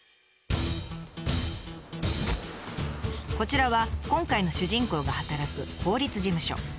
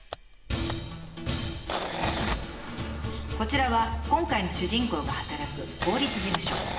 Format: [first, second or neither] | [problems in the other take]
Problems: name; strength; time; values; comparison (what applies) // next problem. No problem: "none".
first | background sound (Camera); 8 dB below the speech // room echo; dies away in 2.4 s